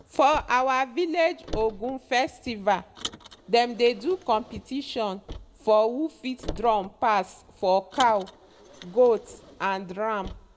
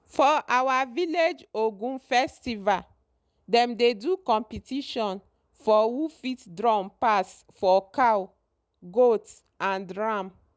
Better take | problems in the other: second | background sound (Car); 16 dB below the speech // room echo; dies away in 0.9 s

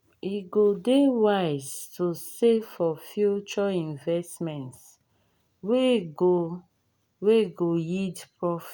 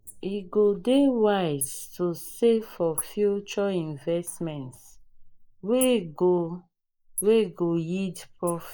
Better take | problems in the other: first | noise reduction (neural mask model Resemble Enhance denoiser)

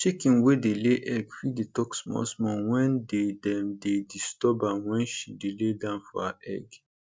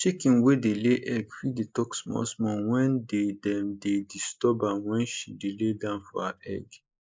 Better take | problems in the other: first | noise reduction (neural mask model Resemble Enhance denoiser)

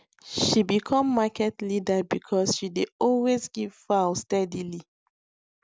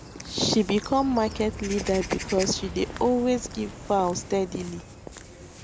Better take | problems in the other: first | background sound (Walk, footsteps / Bird vocalization, bird call, bird song + Aircraft); 12 dB below the speech

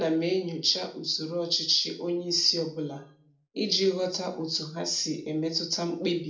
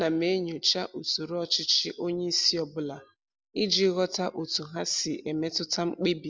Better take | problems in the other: second | room echo; dies away in 0.4 s

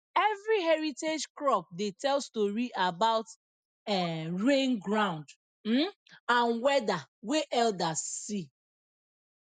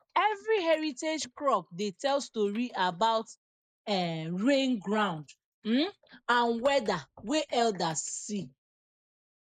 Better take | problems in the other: first | noise reduction (neural mask model Resemble Enhance denoiser)

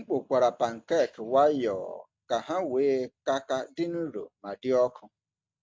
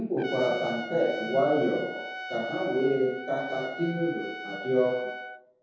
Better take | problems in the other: first | background sound (Trumpet); 10 dB below the speech // room echo; dies away in 0.9 s

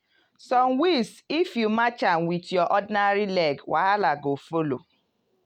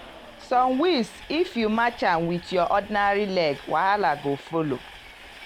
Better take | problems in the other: first | background sound (Train); 19 dB below the speech

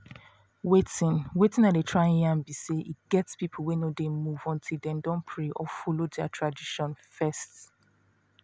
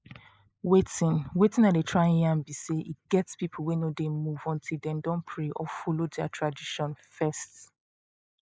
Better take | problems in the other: first | noise reduction (neural mask model Resemble Enhance denoiser)

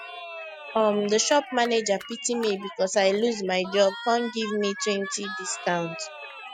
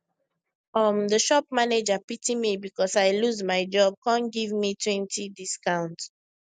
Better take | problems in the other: second | noise reduction (classical method Wiener filter)

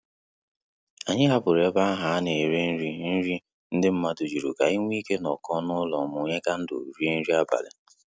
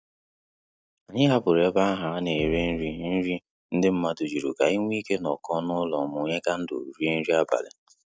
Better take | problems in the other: first | noise reduction (neural mask model DeepFilterNet 3)

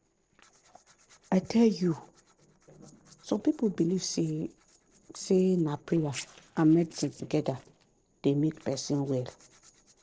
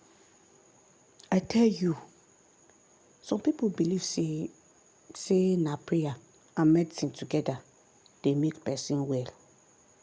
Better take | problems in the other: second | noise reduction (neural separator model SepFormer DNS4)

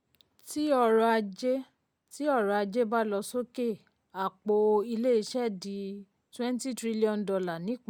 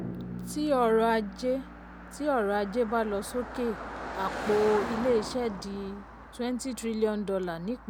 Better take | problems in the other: first | background sound (Drum + Car passing by); 10 dB below the speech

